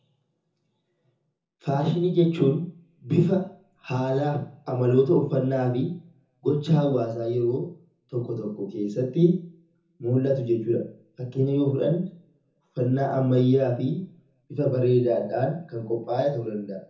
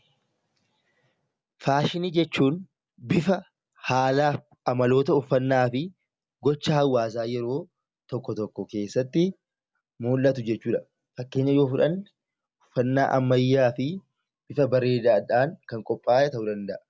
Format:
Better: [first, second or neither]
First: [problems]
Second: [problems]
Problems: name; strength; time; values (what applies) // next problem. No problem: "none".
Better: second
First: room echo; dies away in 0.5 s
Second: none